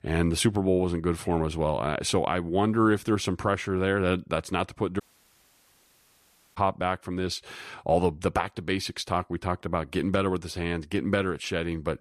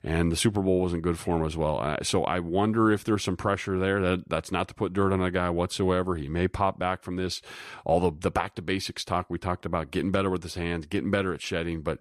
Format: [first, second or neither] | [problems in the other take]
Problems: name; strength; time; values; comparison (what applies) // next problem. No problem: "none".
second | audio cutting out; at 5 s for 1.5 s